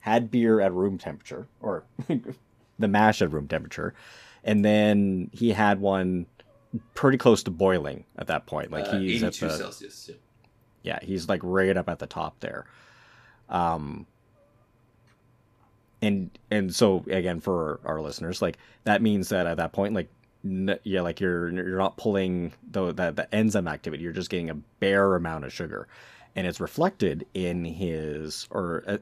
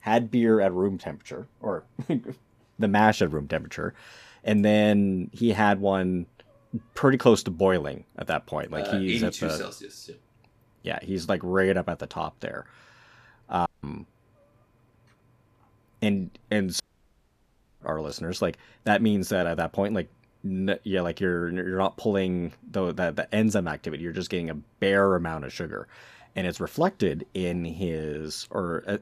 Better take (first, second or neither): first